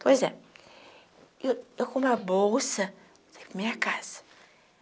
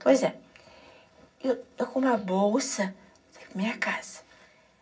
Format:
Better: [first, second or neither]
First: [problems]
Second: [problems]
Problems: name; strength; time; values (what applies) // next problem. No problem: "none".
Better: first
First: none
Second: room echo; dies away in 0.4 s